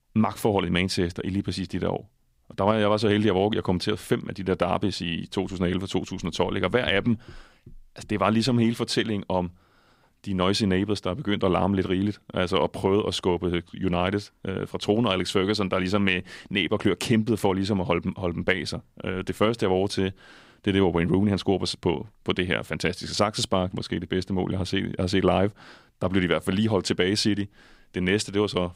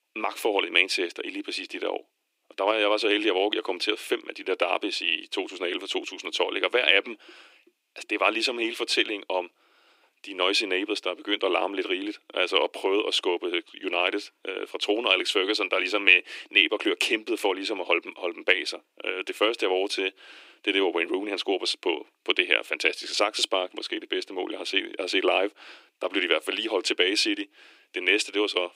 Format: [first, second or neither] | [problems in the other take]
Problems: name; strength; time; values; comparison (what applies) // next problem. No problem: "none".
first | thin; very; fading below 300 Hz